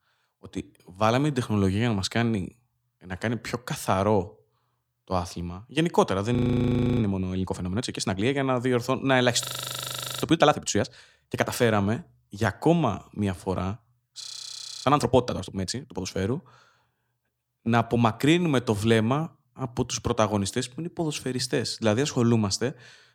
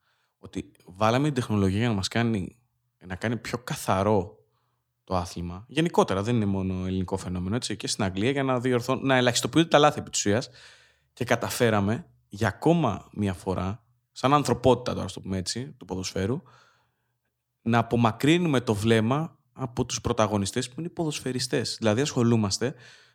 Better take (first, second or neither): second